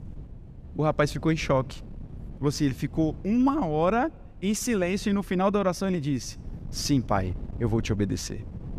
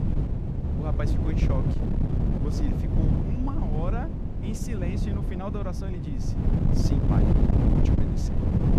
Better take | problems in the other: first | wind noise on the microphone; heavy; 3 dB above the speech; occasional gusts in the first

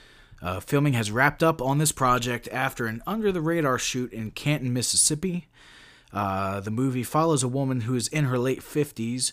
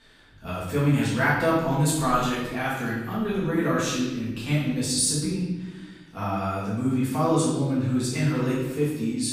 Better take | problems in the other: first | off-mic speech; far // room echo; strong; dies away in 1.1 s

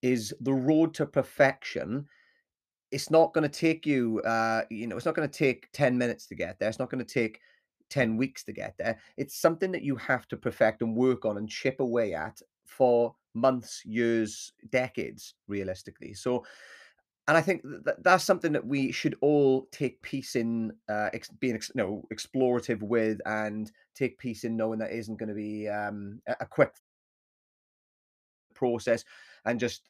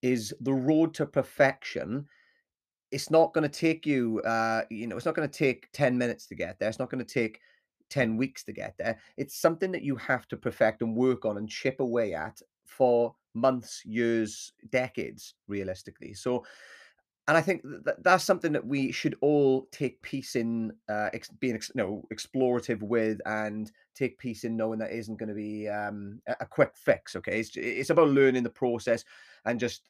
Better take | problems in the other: second | audio cutting out; at 27 s for 1.5 s

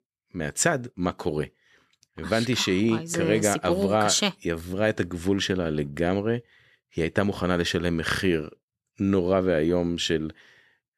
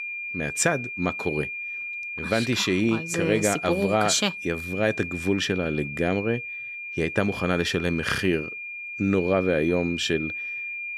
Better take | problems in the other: first | high-pitched whine; loud; throughout; 2.5 kHz, 7 dB below the speech

